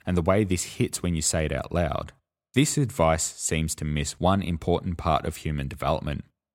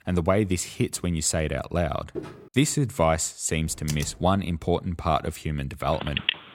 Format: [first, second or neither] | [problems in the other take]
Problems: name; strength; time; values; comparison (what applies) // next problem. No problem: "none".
first | footsteps; faint; at 2 s; peak 10 dB below the speech // keyboard typing; noticeable; at 3.5 s; peak 10 dB below the speech // phone ringing; noticeable; at 6 s; peak level with the speech